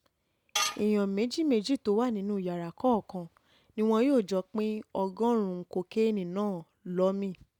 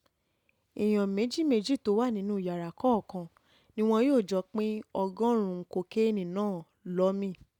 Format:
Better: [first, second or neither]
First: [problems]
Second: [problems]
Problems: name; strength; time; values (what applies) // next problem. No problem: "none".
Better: second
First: background sound (Tools); 5 dB below the speech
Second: none